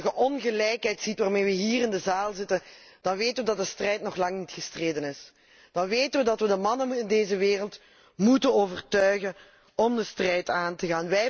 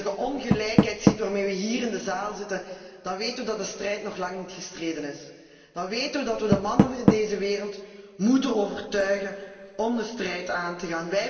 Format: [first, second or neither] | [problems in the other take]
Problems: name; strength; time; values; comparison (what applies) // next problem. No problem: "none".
first | background sound (Door); 2 dB below the speech // room echo; dies away in 2.2 s